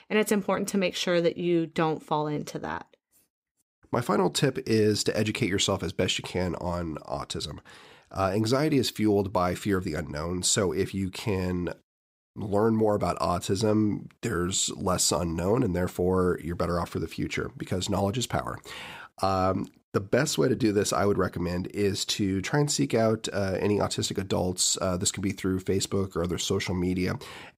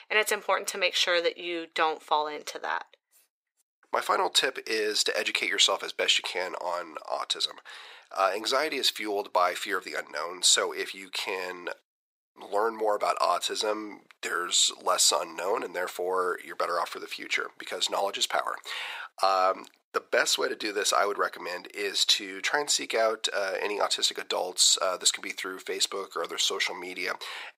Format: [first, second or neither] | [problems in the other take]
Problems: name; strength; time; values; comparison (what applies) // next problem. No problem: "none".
first | thin; very; fading below 550 Hz